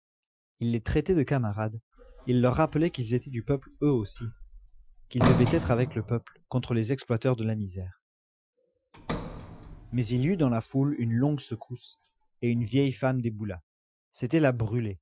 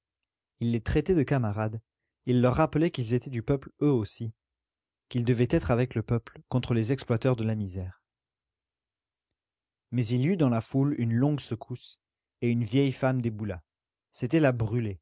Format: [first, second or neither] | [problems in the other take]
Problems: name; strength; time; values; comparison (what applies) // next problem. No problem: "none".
second | noise reduction (classical method Wiener filter)